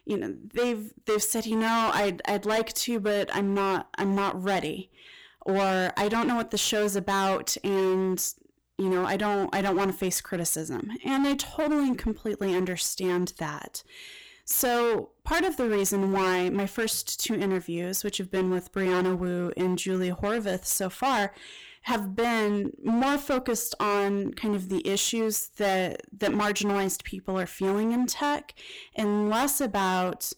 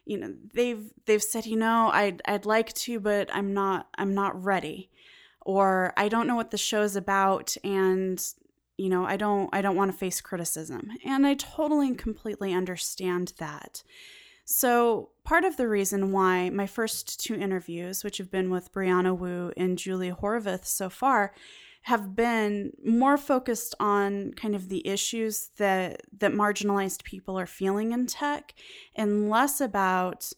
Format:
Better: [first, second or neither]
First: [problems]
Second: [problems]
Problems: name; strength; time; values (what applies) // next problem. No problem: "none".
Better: second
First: distortion; heavy; 17% of the sound clipped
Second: none